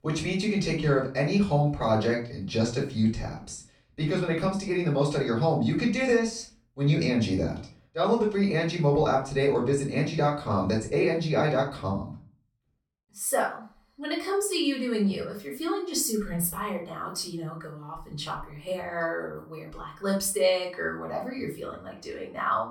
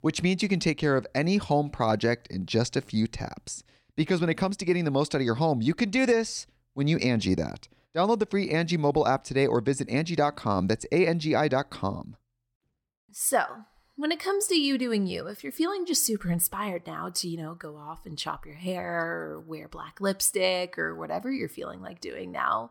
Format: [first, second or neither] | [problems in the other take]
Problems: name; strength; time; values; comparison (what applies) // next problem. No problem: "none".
second | off-mic speech; far // room echo; slight; dies away in 0.3 s